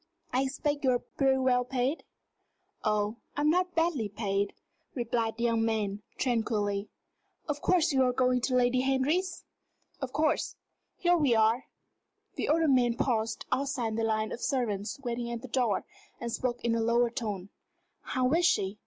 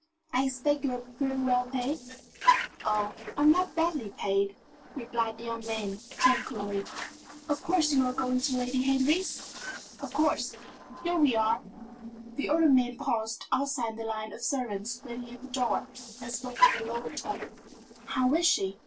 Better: first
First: none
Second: noise reduction (neural separator model SepFormer DNS4)

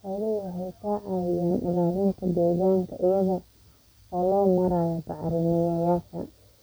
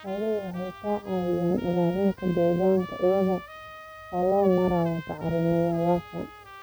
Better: first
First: none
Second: background sound (Trumpet); 18 dB below the speech

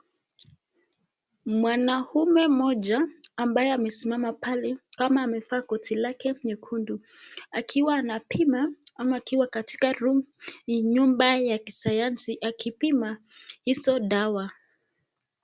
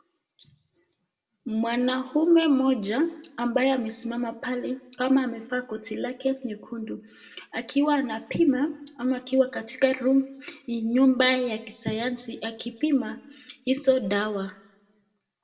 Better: first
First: none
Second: room echo; dies away in 0.6 s

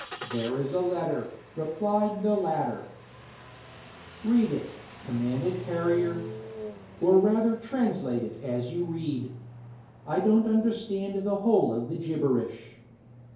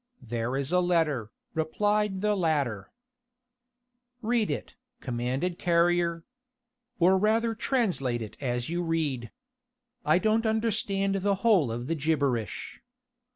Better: second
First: background sound (Engine starting); 18 dB below the speech // room echo; dies away in 2.4 s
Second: none

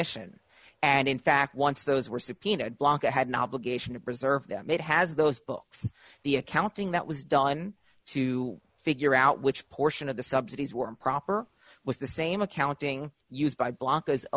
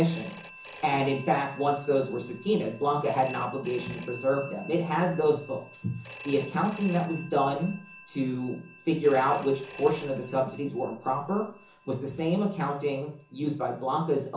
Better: first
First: none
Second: background sound (Telephone); 19 dB below the speech // room echo; dies away in 0.7 s

